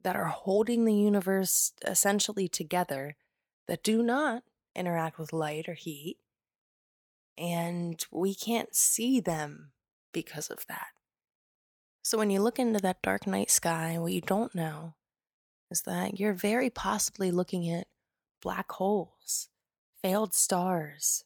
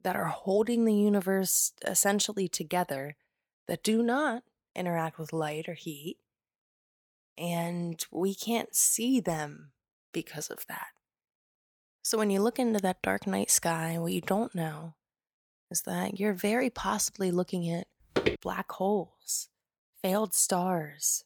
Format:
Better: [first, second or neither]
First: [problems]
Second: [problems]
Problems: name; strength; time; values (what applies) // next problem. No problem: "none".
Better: first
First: none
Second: footsteps; noticeable; at 18 s; peak 1 dB below the speech